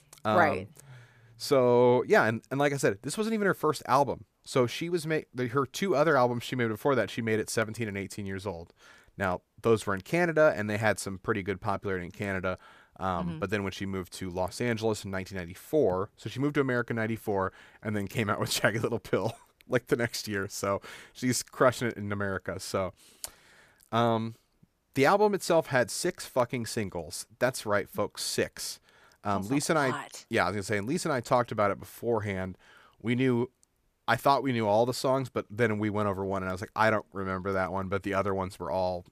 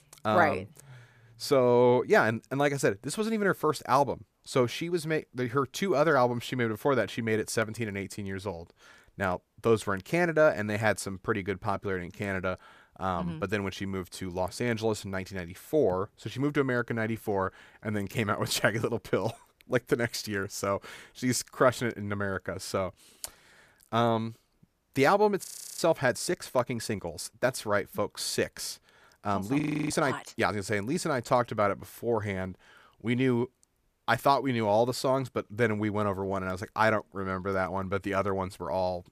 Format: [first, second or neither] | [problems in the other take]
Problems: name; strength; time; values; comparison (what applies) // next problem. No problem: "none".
first | audio freezing; at 25 s and at 30 s